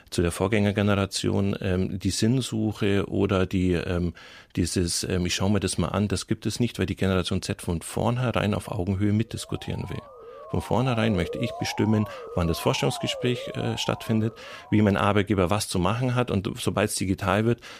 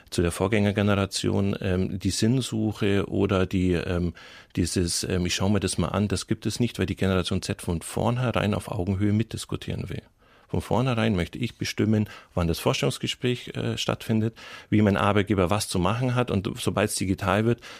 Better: second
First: siren; noticeable; from 9.5 to 15 s; peak 9 dB below the speech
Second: none

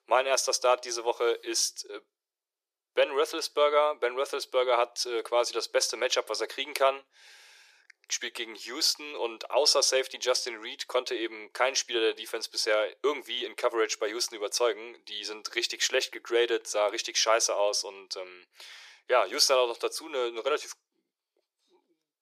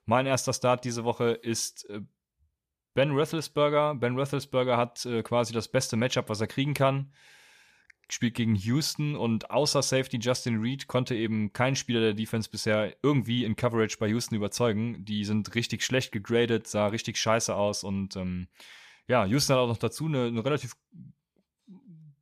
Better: second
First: thin; very; fading below 350 Hz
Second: none

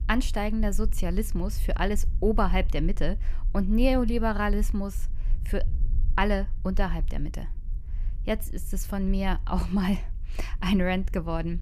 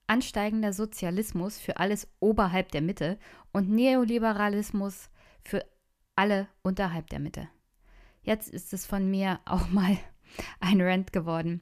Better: second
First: low rumble; faint; throughout; 25 dB below the speech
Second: none

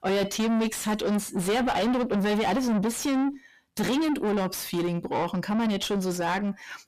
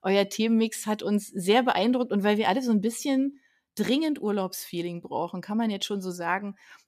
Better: second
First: distortion; heavy; 5 dB below the speech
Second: none

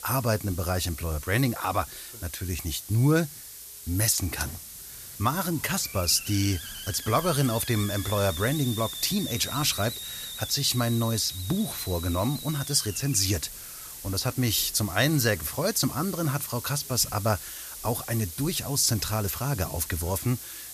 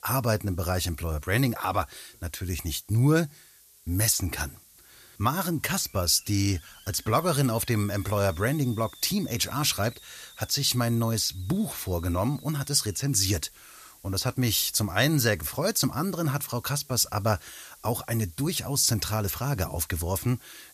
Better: second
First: hiss; loud; throughout; 10 dB below the speech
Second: hiss; faint; throughout; 25 dB below the speech

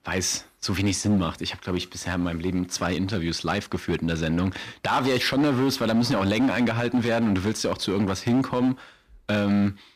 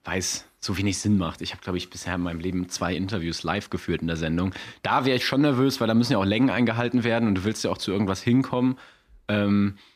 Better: second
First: distortion; slight; 9% of the sound clipped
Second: none

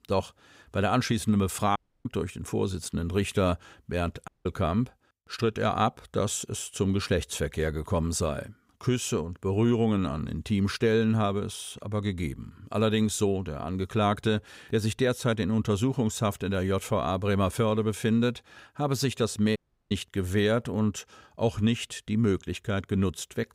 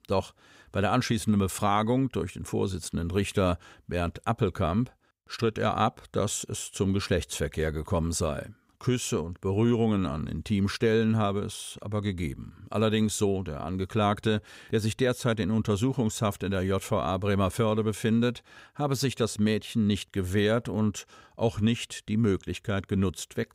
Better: second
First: audio cutting out; at 2 s, at 4.5 s and at 20 s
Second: none

